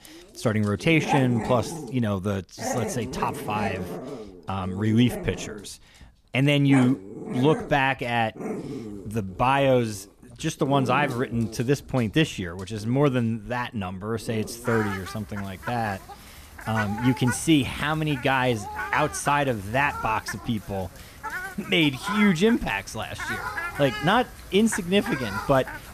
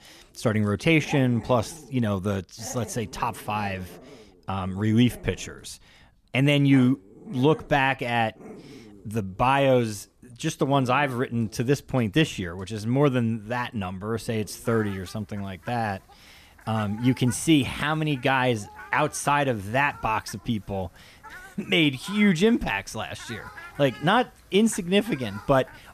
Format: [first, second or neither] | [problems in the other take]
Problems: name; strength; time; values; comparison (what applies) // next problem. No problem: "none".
second | animal sounds; loud; throughout; 10 dB below the speech; faint in the second